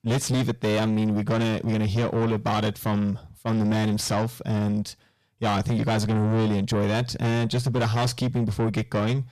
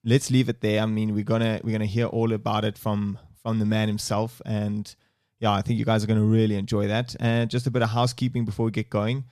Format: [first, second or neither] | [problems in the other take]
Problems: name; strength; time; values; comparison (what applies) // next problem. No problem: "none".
second | distortion; heavy; 6 dB below the speech